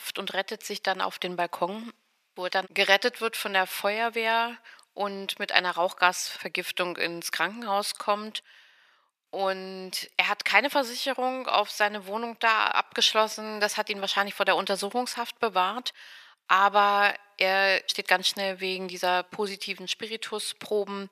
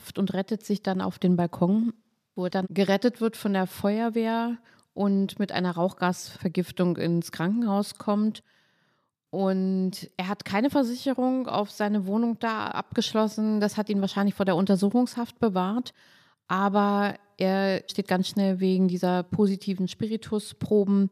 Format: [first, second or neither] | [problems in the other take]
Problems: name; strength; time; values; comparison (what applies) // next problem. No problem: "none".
second | thin; very; fading below 750 Hz